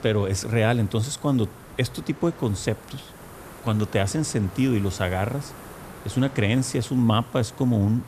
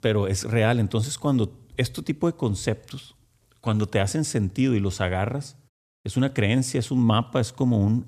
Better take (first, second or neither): second